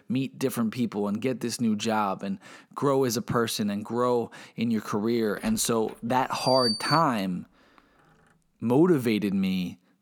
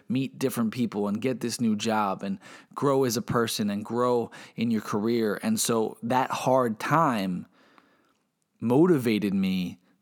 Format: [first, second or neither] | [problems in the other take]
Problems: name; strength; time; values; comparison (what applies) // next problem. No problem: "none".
second | door banging; noticeable; from 5.5 to 7 s; peak level with the speech